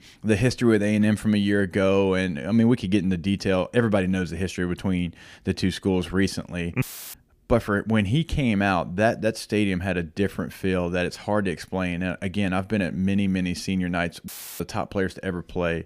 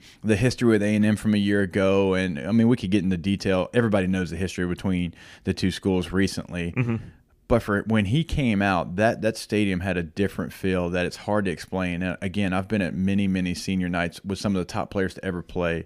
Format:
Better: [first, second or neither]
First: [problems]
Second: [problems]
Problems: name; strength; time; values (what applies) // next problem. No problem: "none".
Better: second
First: audio cutting out; filled with static; at 7 s and at 14 s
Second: none